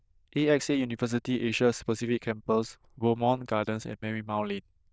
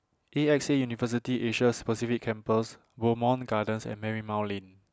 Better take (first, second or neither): second